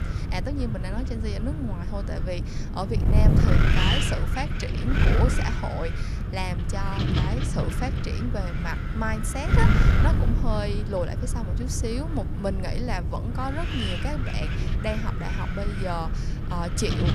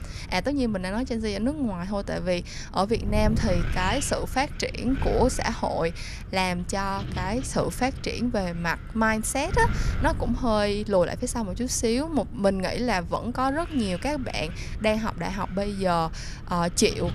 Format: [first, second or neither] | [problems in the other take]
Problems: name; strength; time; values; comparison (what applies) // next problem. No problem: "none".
second | wind noise on the microphone; heavy; as loud as the speech; occasional gusts in the second